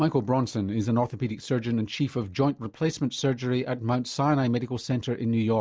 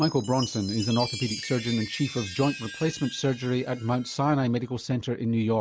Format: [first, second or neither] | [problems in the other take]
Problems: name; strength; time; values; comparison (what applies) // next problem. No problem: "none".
first | background sound (Chime); 13 dB below the speech